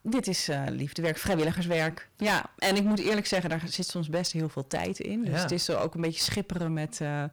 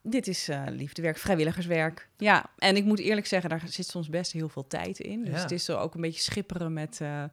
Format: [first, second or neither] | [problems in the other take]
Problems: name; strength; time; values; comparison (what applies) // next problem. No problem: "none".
second | distortion; heavy; 11% of the sound clipped